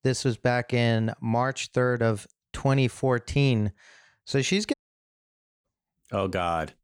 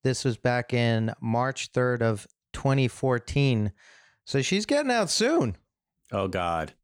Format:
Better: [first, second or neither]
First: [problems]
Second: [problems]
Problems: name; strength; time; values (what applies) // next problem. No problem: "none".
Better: second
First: audio cutting out; at 4.5 s for 1 s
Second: none